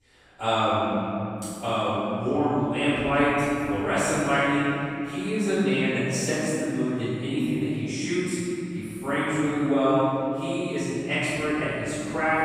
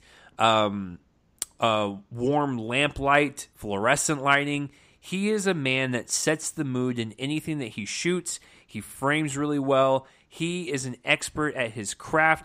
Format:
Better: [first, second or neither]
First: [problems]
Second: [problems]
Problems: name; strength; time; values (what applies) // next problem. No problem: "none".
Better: second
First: off-mic speech; far // room echo; strong; dies away in 3 s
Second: none